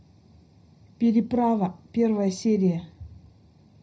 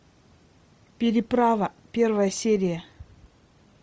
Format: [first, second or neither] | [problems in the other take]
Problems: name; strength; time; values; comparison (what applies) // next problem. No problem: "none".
second | room echo; dies away in 0.3 s